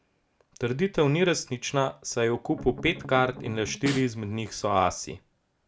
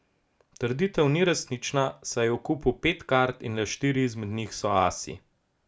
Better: second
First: background sound (Snare drum + Strum); 11 dB below the speech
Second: none

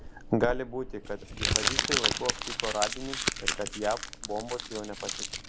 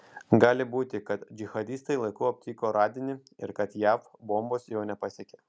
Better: second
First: background sound (Crumpling, crinkling); 1 dB above the speech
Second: none

